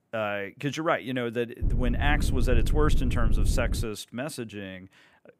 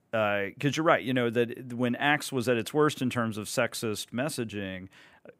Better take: second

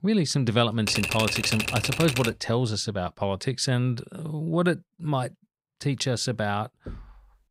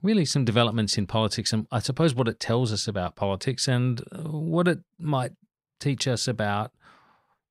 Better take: second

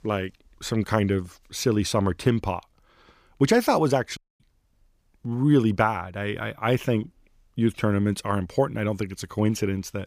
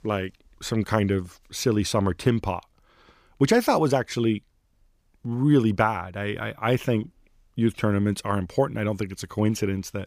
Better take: second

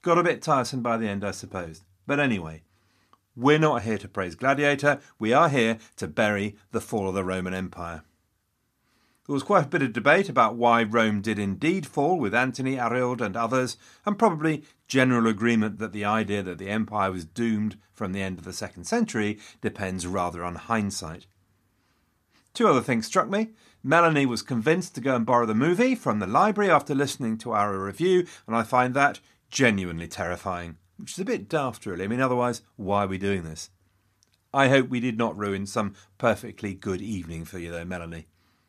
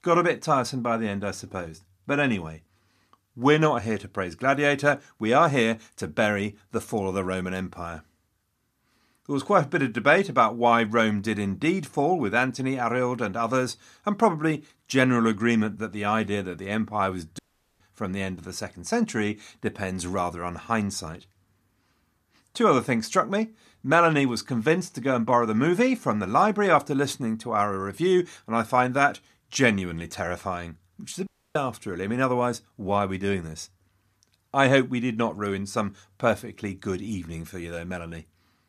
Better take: first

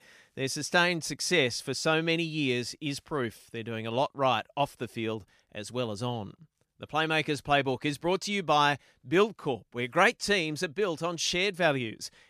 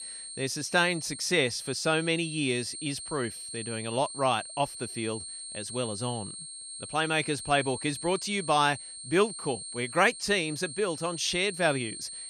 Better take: first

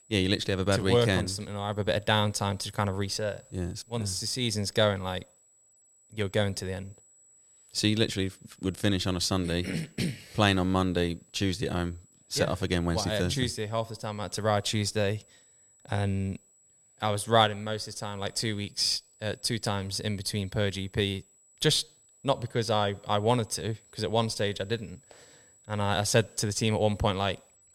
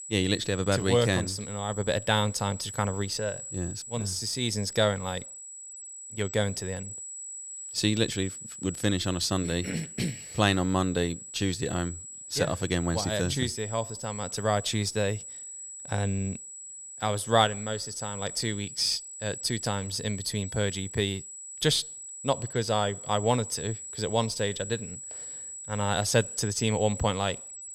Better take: first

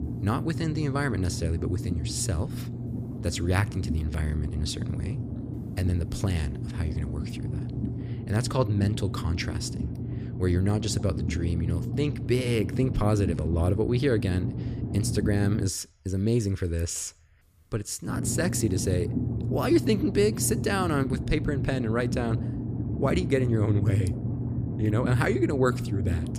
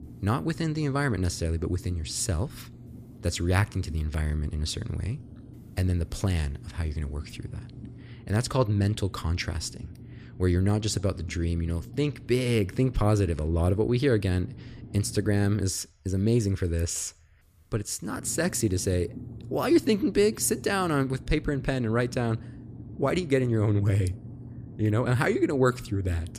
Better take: second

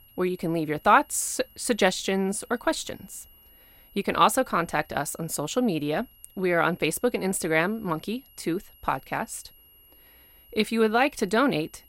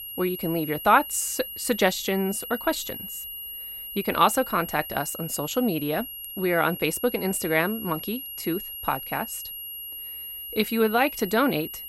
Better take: first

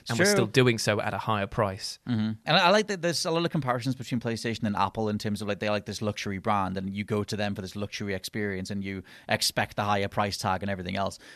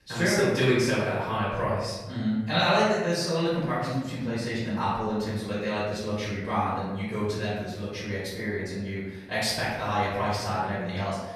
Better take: first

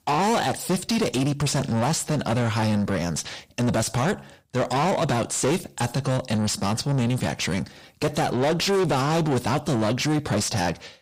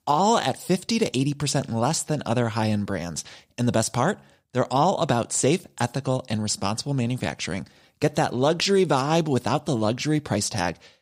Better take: second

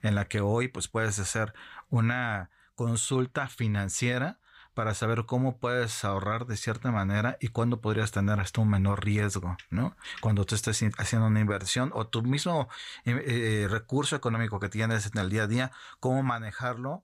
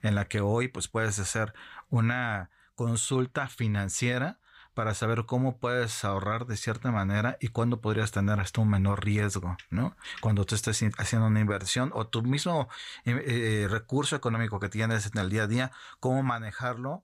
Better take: neither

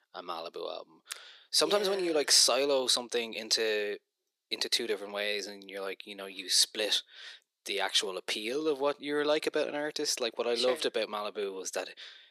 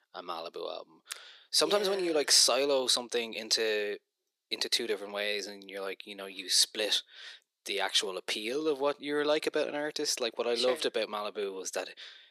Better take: neither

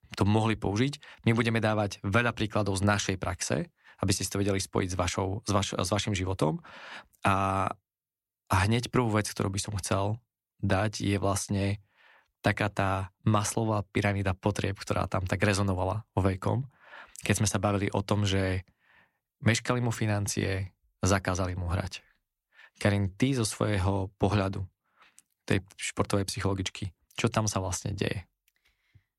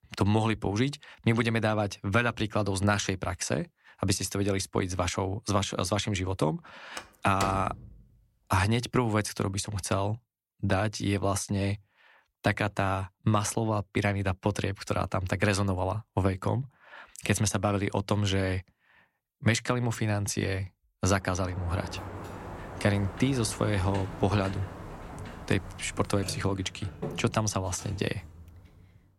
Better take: first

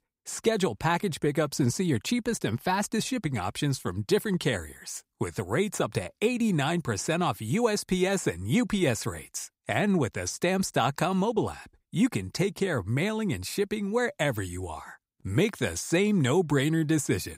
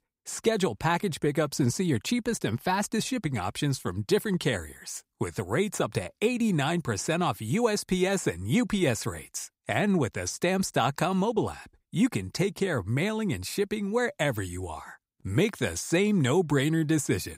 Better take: neither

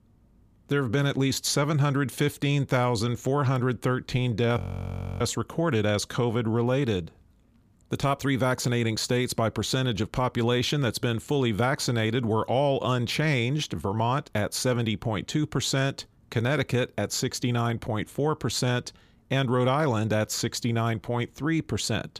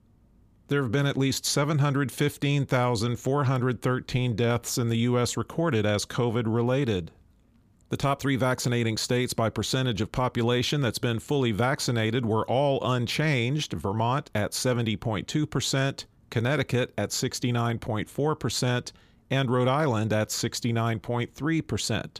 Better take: second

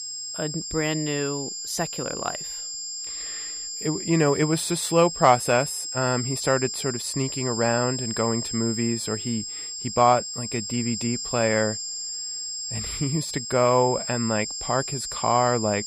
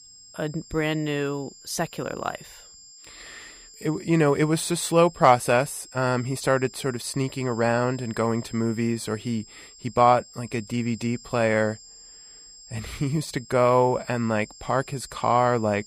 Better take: second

